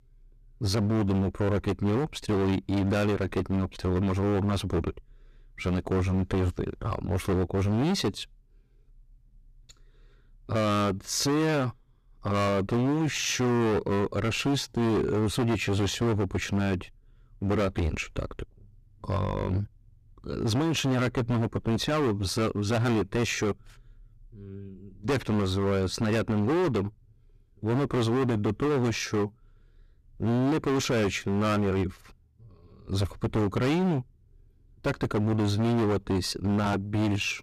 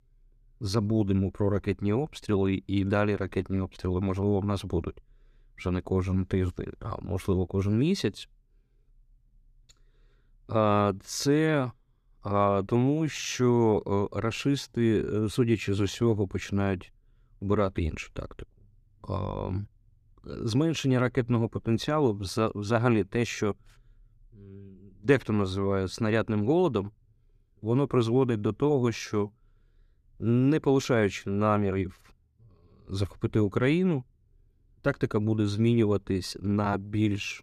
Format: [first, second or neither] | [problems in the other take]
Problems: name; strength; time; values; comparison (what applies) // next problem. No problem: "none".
second | distortion; heavy; 19% of the sound clipped